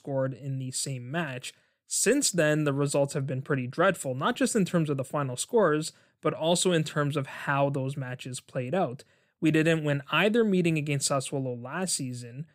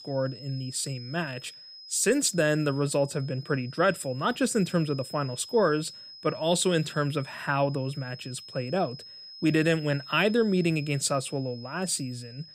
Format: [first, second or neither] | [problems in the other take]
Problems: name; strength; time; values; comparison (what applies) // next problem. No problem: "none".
first | high-pitched whine; noticeable; throughout; 5 kHz, 15 dB below the speech